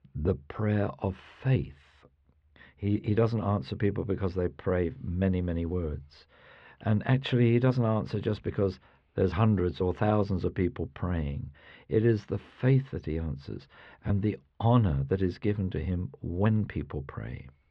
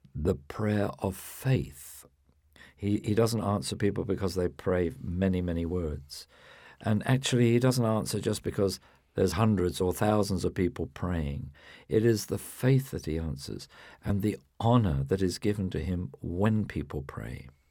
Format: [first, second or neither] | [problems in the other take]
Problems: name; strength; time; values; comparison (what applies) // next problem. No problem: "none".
second | muffled; slightly; fading above 3.5 kHz